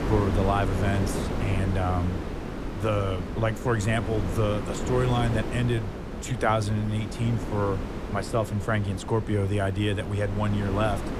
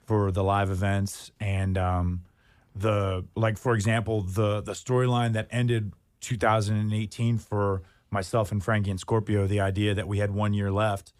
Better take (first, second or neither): second